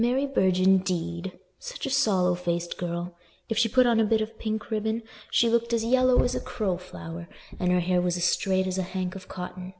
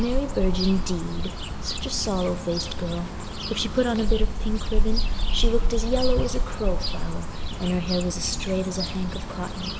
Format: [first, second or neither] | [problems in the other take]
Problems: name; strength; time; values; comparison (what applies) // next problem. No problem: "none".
first | background sound (Cricket / Bird); 3 dB above the speech